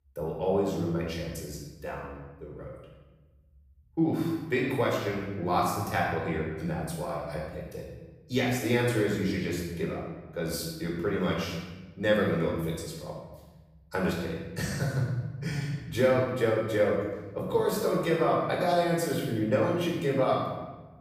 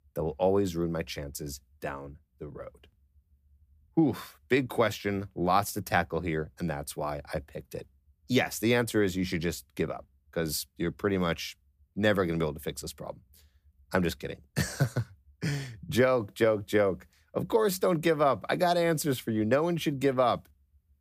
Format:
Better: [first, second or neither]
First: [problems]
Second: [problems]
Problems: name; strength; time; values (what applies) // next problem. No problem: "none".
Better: second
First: off-mic speech; far // room echo; noticeable; dies away in 1.1 s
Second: none